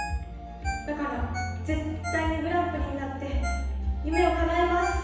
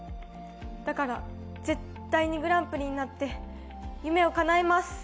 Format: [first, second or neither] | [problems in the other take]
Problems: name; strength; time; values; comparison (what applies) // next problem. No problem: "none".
second | background sound (Ringtone); 12 dB below the speech // room echo; dies away in 1.1 s